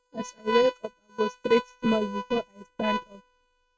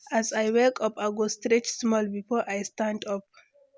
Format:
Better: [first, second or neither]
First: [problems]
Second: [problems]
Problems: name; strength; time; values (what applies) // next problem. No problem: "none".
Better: second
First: noise reduction (neural mask model RNNoise)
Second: none